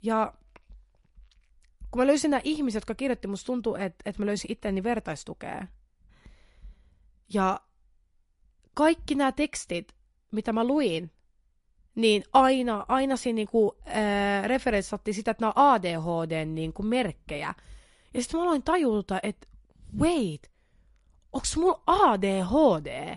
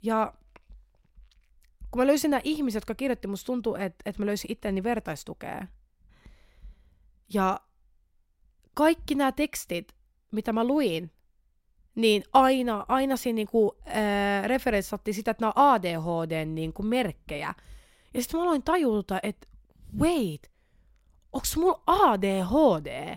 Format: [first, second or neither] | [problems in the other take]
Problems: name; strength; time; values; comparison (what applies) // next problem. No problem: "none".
second | garbled, watery; slightly; nothing above 11 kHz